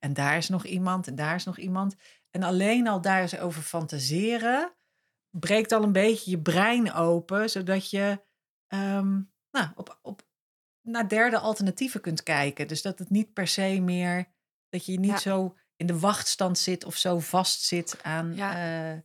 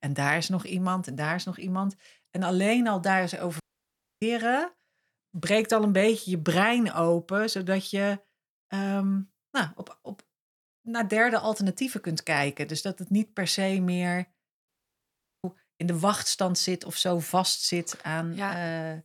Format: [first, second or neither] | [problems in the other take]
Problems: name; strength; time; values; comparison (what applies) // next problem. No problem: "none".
first | audio cutting out; at 3.5 s for 0.5 s and at 15 s for 1 s